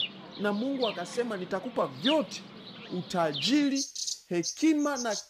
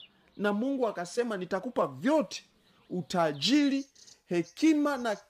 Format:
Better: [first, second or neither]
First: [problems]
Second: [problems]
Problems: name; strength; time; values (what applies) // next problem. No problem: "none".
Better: second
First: animal sounds; loud; throughout; 7 dB below the speech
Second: animal sounds; faint; throughout; 30 dB below the speech